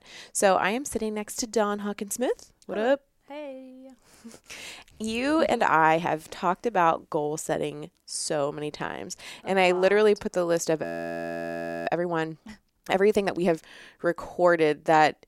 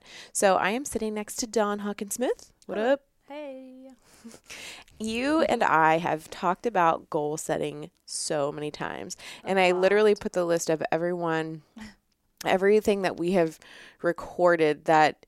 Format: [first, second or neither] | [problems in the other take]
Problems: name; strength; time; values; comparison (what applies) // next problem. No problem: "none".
second | audio freezing; at 11 s for 1 s